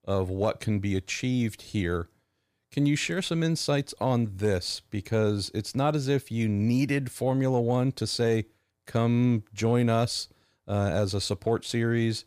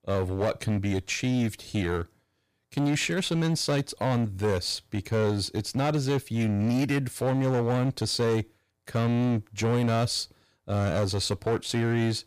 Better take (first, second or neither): first